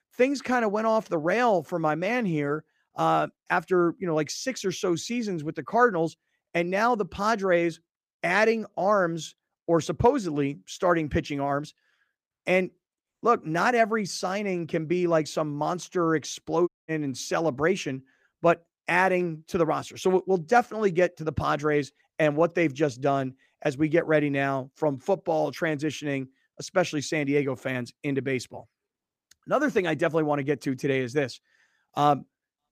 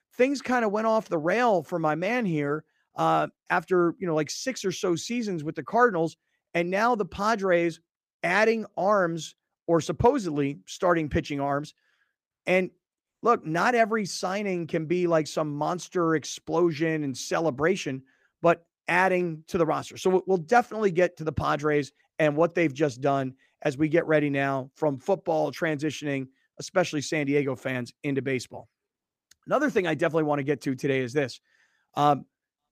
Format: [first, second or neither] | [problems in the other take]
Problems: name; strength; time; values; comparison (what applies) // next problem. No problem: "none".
second | audio cutting out; at 17 s